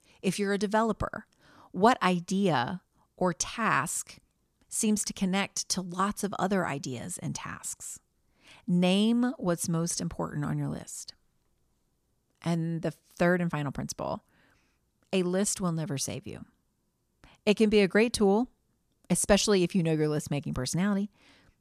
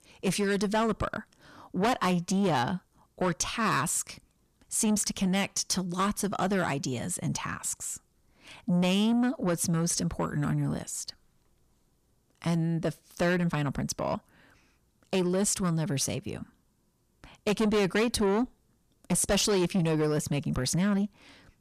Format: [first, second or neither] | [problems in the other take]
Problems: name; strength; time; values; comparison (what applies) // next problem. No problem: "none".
first | distortion; heavy; 8 dB below the speech